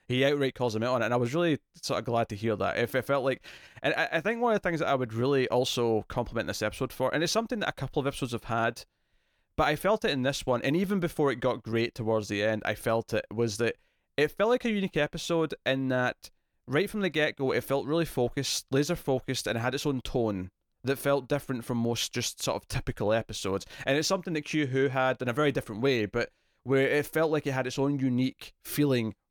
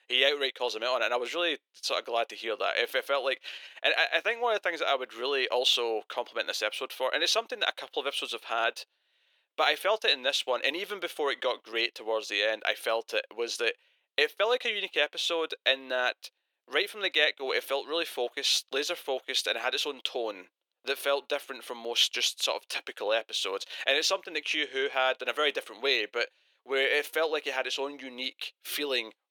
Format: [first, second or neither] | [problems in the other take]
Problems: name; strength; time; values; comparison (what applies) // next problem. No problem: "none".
first | thin; very; fading below 400 Hz